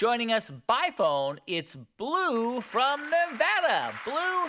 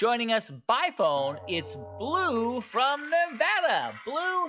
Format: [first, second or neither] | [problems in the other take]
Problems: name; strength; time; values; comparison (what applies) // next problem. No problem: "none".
first | noise reduction (classical method log-MMSE)